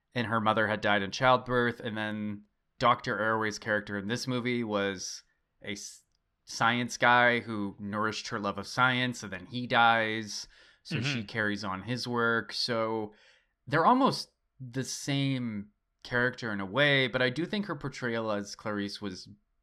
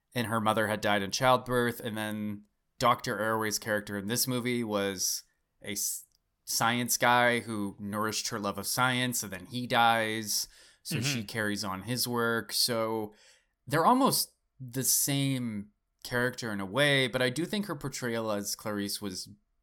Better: second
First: muffled; very slightly; fading above 3.5 kHz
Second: none

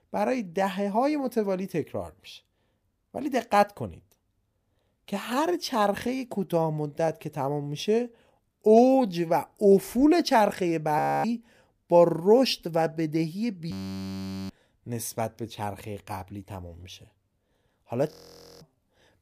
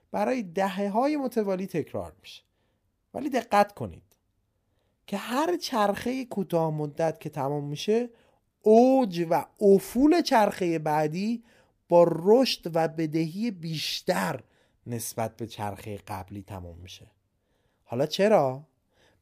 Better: second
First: audio freezing; at 11 s, at 14 s for 1 s and at 18 s for 0.5 s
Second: none

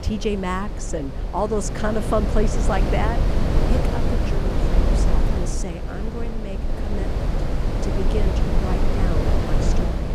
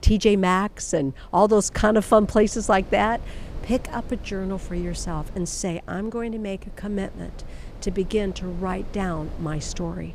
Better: second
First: wind noise on the microphone; heavy; 1 dB below the speech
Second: wind noise on the microphone; occasional gusts; 25 dB below the speech

